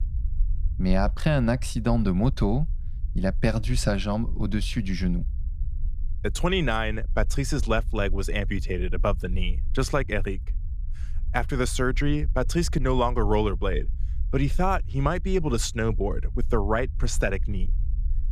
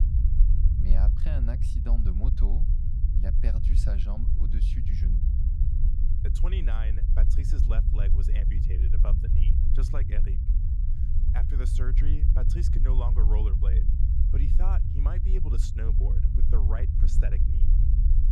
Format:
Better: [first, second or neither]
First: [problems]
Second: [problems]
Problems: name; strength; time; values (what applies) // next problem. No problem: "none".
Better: first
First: low rumble; faint; throughout; 25 dB below the speech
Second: low rumble; loud; throughout; 1 dB below the speech